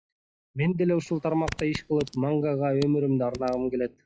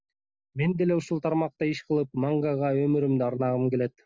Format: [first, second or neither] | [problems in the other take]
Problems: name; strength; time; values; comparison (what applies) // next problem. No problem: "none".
second | noise reduction (classical method log-MMSE)